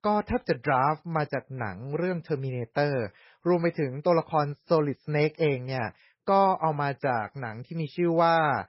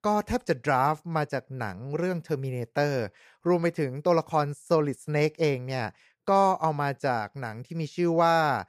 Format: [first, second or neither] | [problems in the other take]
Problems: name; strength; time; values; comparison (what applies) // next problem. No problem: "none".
second | garbled, watery; badly; nothing above 5.5 kHz